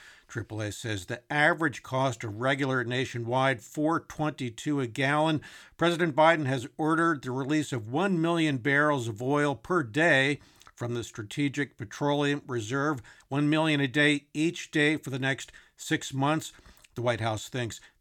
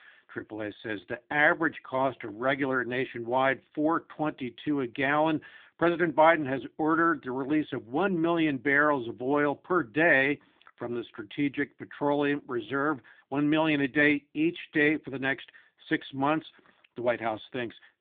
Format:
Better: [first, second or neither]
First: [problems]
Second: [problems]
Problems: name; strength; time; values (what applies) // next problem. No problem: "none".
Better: first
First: none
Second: phone-call audio; nothing above 3.5 kHz